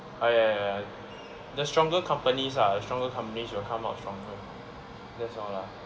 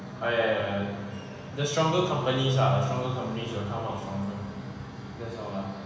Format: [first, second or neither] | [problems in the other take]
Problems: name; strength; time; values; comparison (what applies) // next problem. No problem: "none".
first | room echo; dies away in 1.1 s